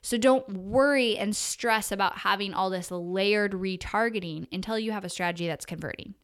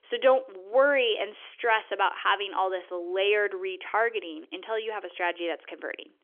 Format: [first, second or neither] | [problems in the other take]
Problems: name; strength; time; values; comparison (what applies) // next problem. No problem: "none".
first | phone-call audio; nothing above 3.5 kHz